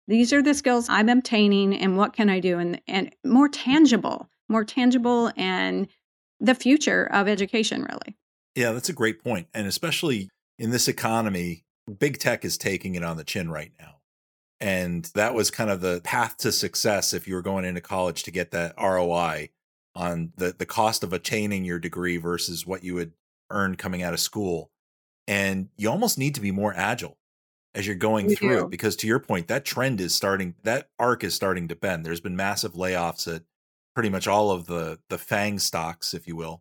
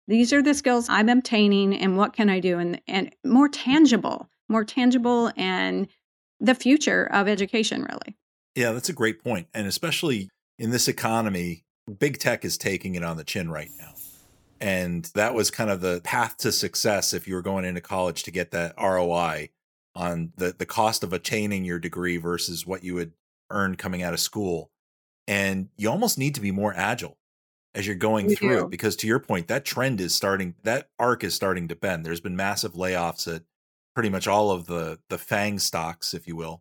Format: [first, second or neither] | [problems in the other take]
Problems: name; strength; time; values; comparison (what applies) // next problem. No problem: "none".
first | jangling keys; faint; at 14 s; peak 15 dB below the speech